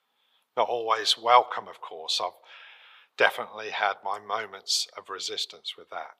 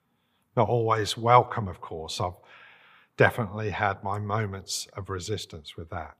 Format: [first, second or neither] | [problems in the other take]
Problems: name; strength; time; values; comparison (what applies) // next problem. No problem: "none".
second | thin; very; fading below 650 Hz